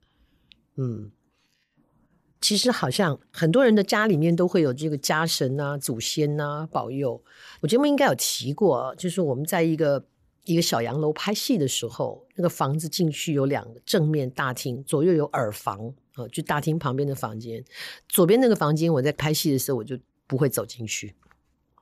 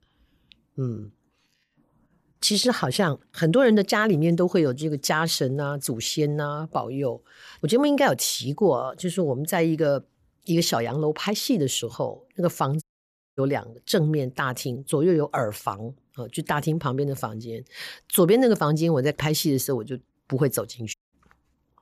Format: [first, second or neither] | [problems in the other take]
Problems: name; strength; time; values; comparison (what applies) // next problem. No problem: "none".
first | audio cutting out; at 13 s for 0.5 s and at 21 s